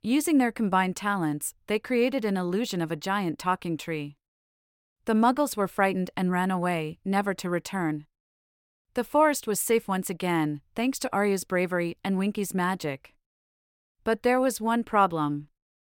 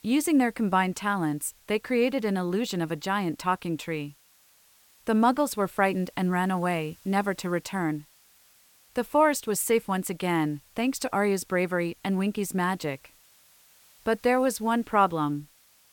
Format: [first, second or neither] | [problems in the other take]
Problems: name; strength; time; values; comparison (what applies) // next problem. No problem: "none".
first | hiss; faint; throughout; 30 dB below the speech